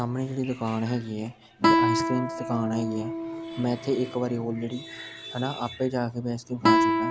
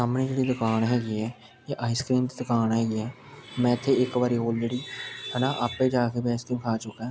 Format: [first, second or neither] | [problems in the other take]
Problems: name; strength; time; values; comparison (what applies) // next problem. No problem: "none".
second | background sound (Guitar); 1 dB above the speech